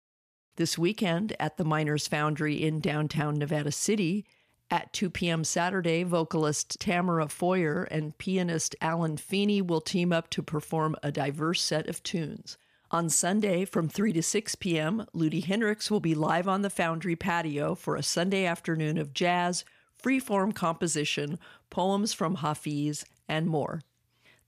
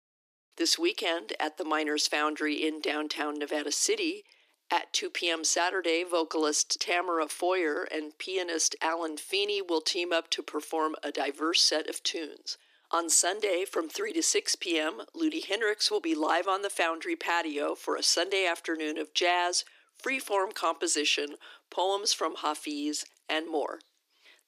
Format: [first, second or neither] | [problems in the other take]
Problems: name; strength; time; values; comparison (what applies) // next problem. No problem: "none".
first | thin; very; fading below 300 Hz